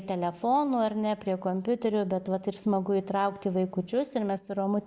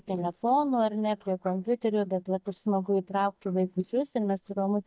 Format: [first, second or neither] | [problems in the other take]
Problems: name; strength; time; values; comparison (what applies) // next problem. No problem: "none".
first | noise reduction (neural mask model DeepFilterNet 3)